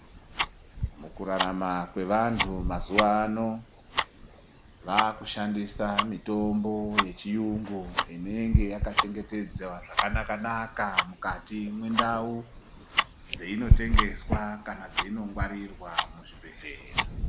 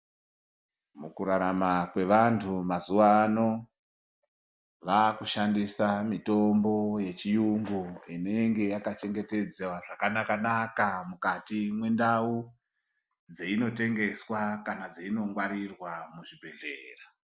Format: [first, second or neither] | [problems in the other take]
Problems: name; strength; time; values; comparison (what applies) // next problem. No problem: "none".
second | background sound (Tick-tock); 1 dB above the speech